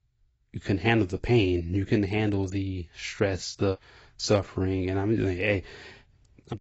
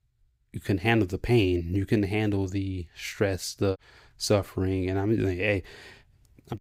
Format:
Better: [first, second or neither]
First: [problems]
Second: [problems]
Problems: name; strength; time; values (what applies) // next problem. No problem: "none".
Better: second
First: garbled, watery; badly; nothing above 7.5 kHz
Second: none